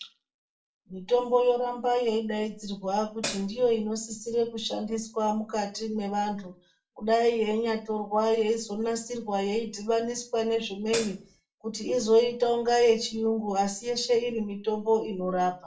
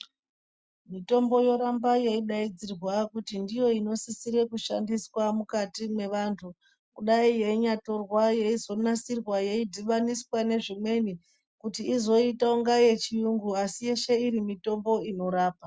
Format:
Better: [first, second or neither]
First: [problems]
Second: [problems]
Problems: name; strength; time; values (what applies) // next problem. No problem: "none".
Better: second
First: background sound (Hi-hat); 8 dB below the speech // room echo; dies away in 0.3 s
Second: none